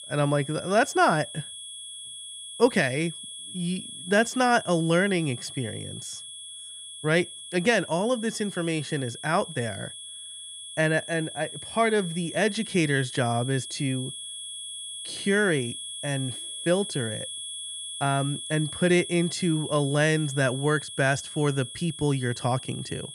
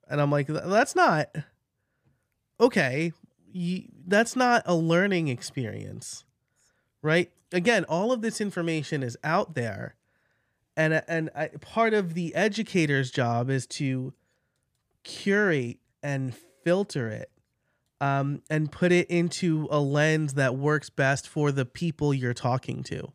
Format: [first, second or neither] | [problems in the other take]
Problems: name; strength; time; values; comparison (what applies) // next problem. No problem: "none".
second | high-pitched whine; loud; throughout; 3.5 kHz, 10 dB below the speech